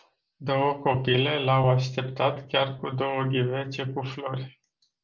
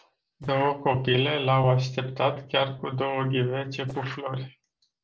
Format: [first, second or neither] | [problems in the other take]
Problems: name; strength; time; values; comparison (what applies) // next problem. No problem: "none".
first | noise reduction (neural separator model SepFormer DNS4)